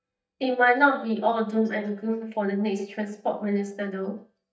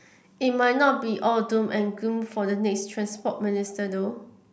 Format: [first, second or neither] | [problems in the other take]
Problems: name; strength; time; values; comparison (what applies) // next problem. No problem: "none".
second | noise reduction (neural mask model DeepFilterNet 3)